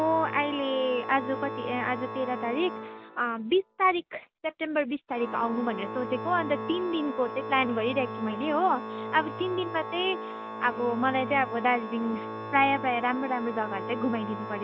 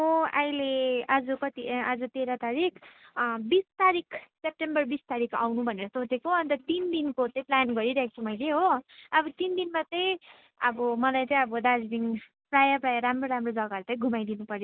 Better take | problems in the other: second | background sound (Organ); 8 dB below the speech

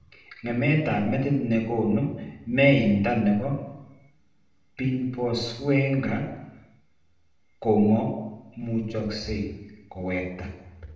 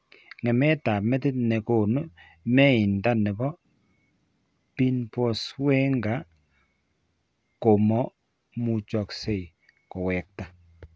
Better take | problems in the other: second | room echo; dies away in 0.8 s

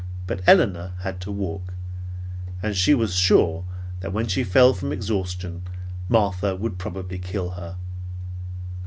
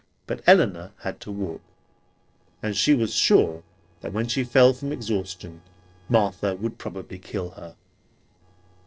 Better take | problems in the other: first | noise reduction (neural separator model SepFormer DNS4)

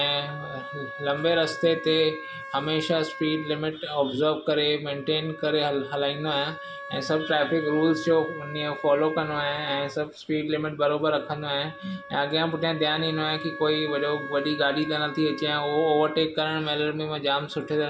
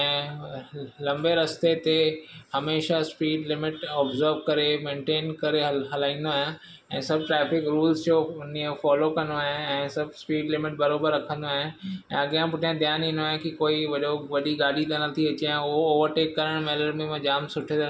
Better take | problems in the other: second | background sound (Wind instrument, woodwind instrument); 13 dB below the speech

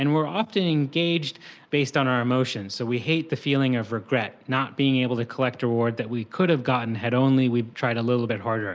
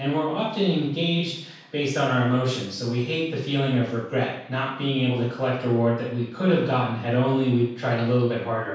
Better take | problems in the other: first | room echo; dies away in 0.7 s

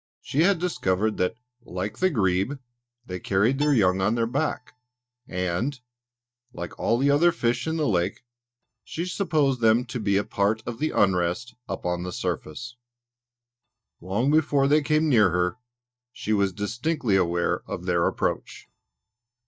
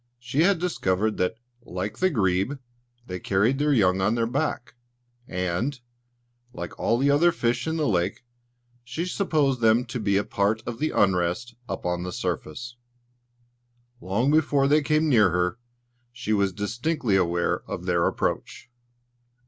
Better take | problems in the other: second | noise reduction (neural mask model DeepFilterNet 3)

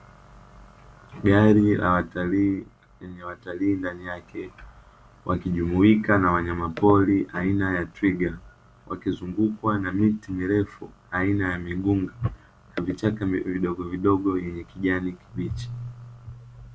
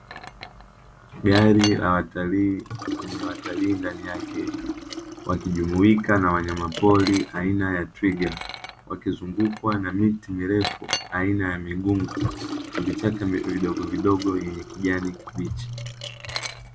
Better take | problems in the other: first | background sound (Liquid); 11 dB below the speech

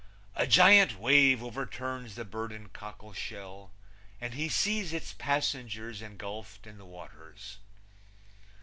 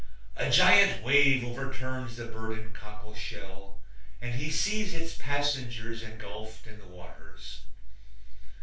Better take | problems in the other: first | room echo; dies away in 0.3 s

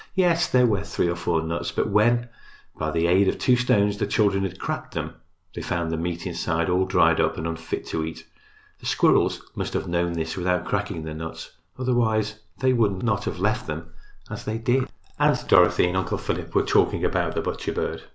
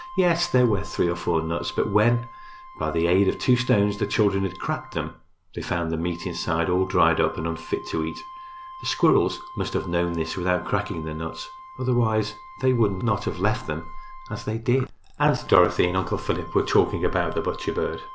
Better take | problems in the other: first | background sound (Wind instrument, woodwind instrument); 17 dB below the speech

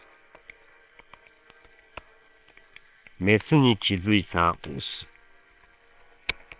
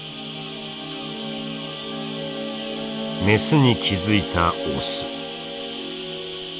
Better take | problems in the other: second | noise reduction (neural separator model SepFormer WHAM!)

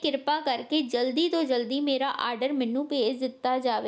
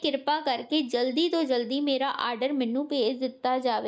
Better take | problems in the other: first | noise reduction (neural mask model Resemble Enhance denoiser)

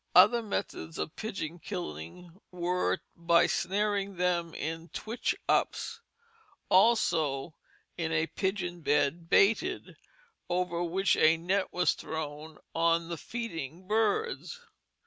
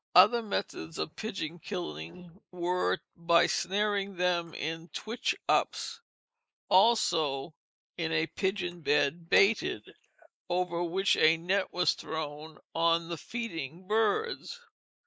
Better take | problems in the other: first | noise reduction (neural mask model Resemble Enhance denoiser)

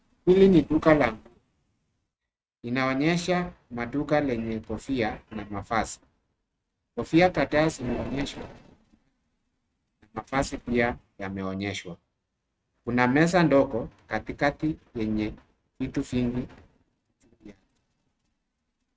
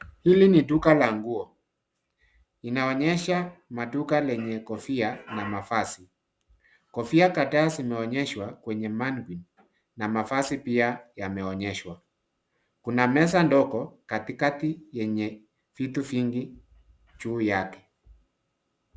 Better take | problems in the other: second | noise reduction (neural mask model RNNoise)

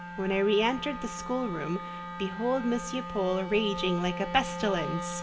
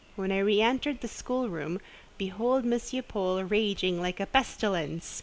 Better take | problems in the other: second | background sound (Wind instrument, woodwind instrument); 8 dB below the speech // room echo; dies away in 1.4 s

